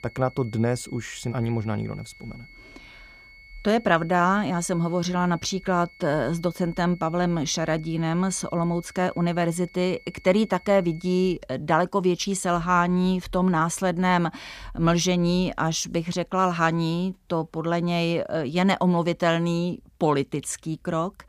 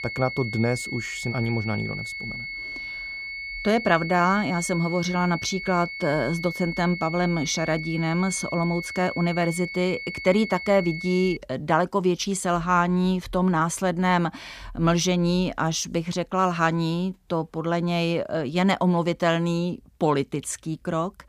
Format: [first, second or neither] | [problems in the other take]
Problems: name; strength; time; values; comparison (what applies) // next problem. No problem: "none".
first | high-pitched whine; loud; until 11 s; 2 kHz, 8 dB below the speech; faint in the first